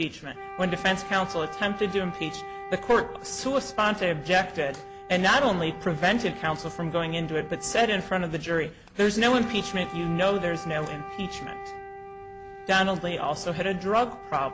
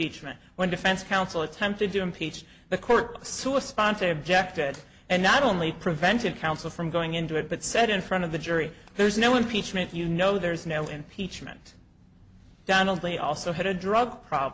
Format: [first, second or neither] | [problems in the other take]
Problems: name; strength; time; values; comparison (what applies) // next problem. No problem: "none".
second | background sound (Wind instrument, woodwind instrument); 13 dB below the speech